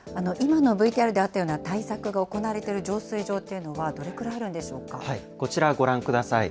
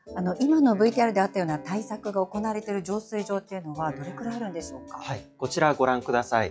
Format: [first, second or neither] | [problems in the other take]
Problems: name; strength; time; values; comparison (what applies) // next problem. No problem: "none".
first | noise reduction (classical method log-MMSE)